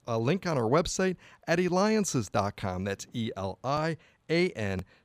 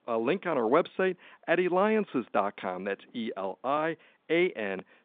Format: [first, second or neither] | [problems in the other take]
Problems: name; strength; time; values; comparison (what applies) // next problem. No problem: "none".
first | phone-call audio; nothing above 3.5 kHz